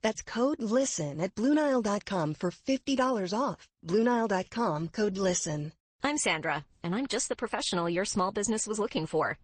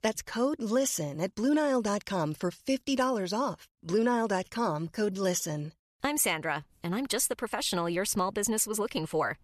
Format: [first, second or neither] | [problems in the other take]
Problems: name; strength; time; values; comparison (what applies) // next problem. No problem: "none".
second | garbled, watery; slightly; nothing above 8.5 kHz